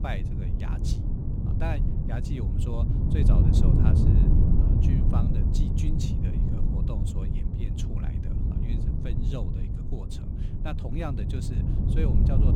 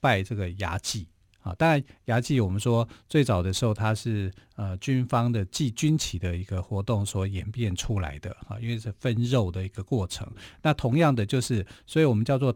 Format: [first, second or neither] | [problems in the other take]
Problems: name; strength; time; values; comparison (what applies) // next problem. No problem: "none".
second | wind noise on the microphone; heavy; 3 dB above the speech